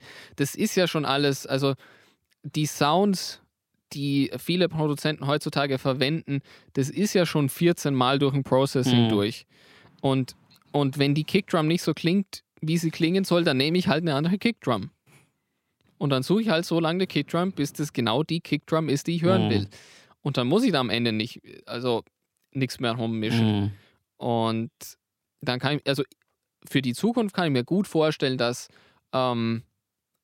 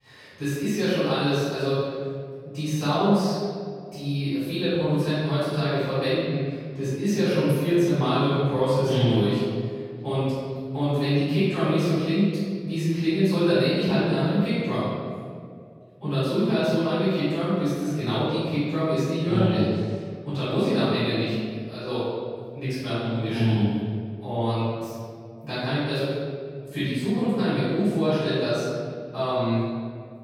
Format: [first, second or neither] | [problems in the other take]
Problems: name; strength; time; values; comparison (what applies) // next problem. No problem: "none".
first | off-mic speech; far // room echo; strong; dies away in 2 s